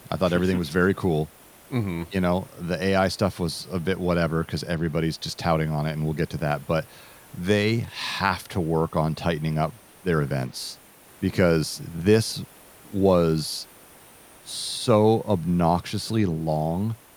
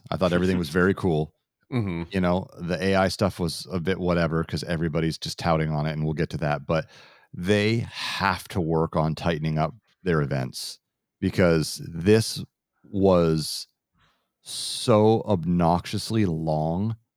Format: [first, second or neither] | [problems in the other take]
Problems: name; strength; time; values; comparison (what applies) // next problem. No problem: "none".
second | hiss; faint; throughout; 25 dB below the speech